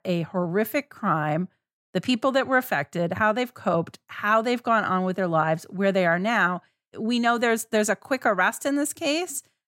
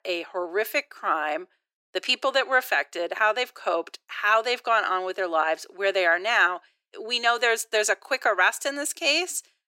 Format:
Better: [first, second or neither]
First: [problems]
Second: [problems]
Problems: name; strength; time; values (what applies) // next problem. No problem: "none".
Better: first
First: none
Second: thin; very; fading below 350 Hz